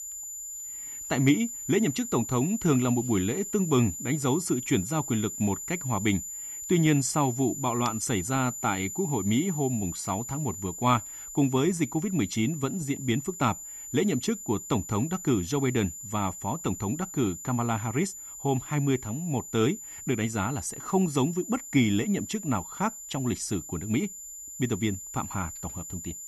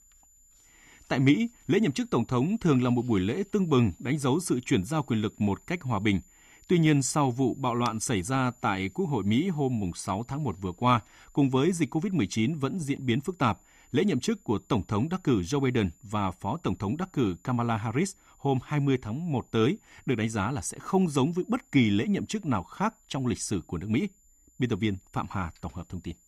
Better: second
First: high-pitched whine; loud; throughout; 7 kHz, 8 dB below the speech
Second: high-pitched whine; faint; throughout; 7 kHz, 30 dB below the speech

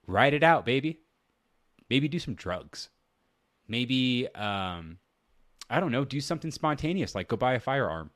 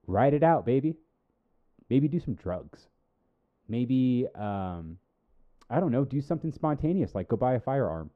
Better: first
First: none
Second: muffled; very; fading above 1.5 kHz

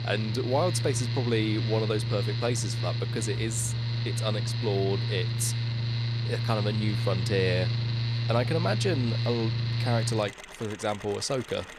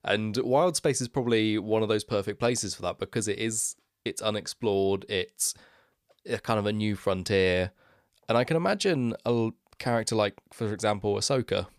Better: second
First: machinery noise; very loud; throughout; 1 dB above the speech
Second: none

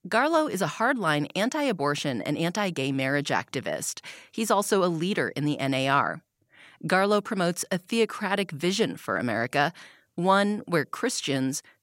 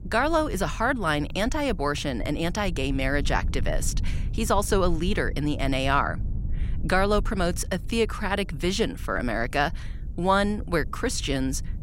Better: first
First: none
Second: low rumble; faint; throughout; 25 dB below the speech

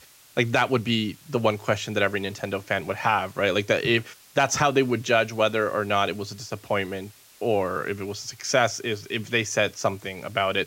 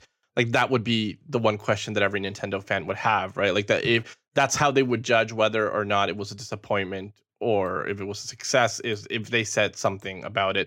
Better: second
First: hiss; faint; throughout; 25 dB below the speech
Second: none

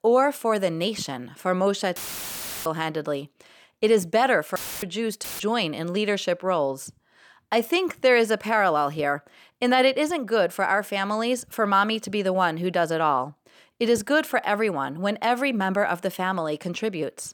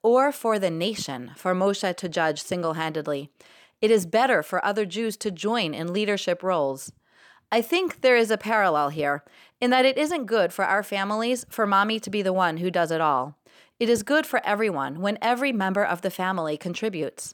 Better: second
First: audio cutting out; filled with static; at 2 s for 0.5 s, at 4.5 s and at 5 s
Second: none

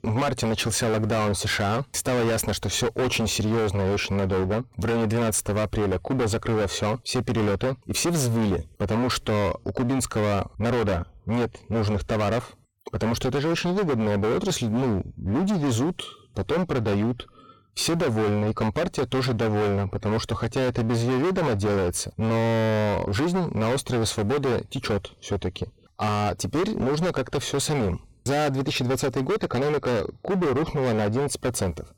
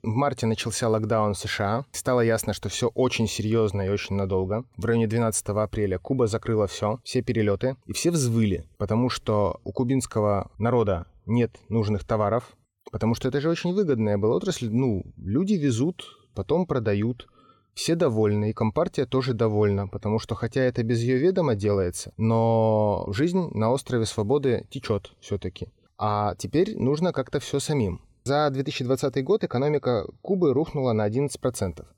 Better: second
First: distortion; heavy; 30% of the sound clipped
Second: none

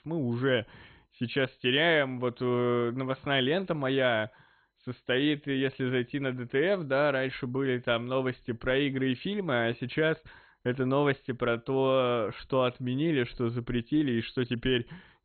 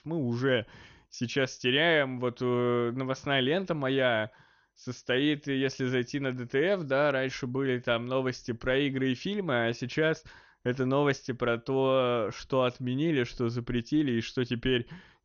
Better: second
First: garbled, watery; badly; nothing above 3.5 kHz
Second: garbled, watery; slightly; nothing above 6.5 kHz

